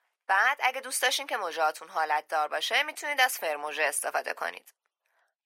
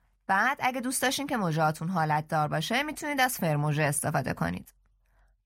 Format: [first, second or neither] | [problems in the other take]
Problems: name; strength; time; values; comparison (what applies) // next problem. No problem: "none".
second | thin; very; fading below 400 Hz